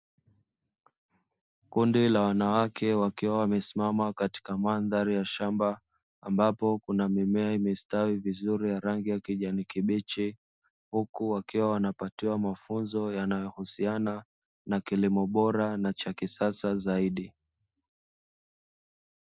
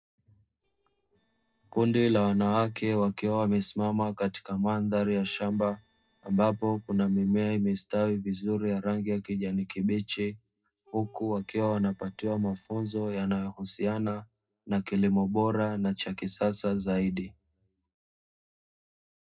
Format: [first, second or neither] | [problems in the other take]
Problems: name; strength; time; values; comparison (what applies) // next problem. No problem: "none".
first | noise reduction (neural separator model SepFormer DNS4)